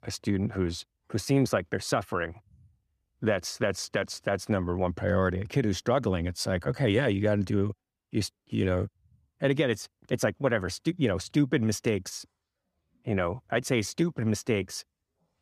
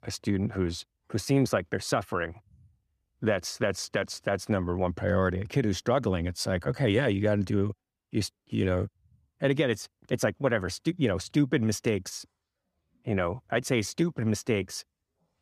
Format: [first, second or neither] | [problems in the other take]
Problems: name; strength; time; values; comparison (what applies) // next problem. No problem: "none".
neither | none